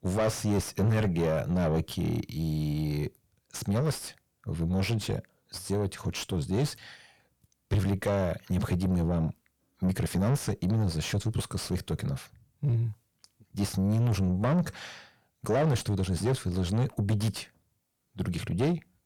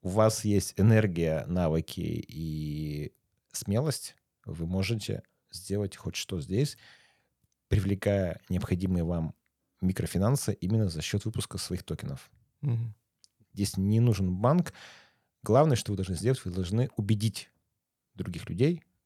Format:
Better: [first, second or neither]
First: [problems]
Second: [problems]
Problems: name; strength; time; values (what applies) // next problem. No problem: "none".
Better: second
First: distortion; heavy; 6 dB below the speech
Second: none